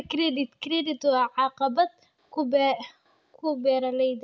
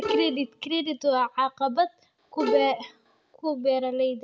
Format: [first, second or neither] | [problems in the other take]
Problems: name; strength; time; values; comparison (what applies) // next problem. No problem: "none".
first | background sound (Bowed string instrument); 4 dB below the speech